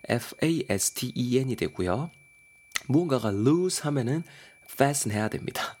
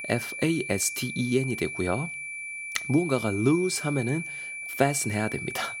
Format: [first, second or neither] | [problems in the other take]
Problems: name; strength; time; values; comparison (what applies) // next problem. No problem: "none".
first | high-pitched whine; loud; throughout; 2.5 kHz, 7 dB below the speech; faint in the first